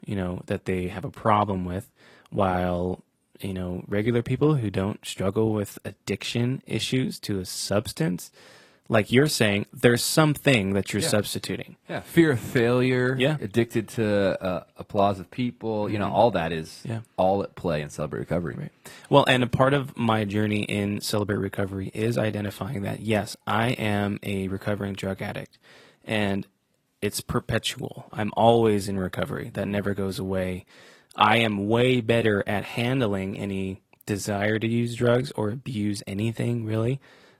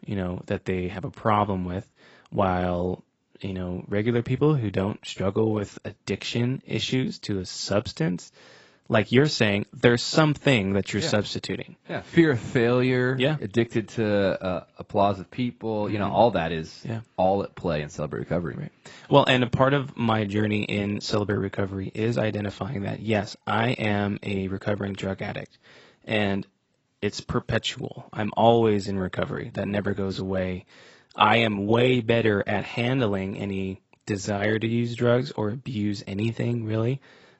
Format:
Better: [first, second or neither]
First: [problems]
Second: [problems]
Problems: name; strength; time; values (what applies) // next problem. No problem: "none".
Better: first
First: garbled, watery; slightly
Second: garbled, watery; badly; nothing above 8 kHz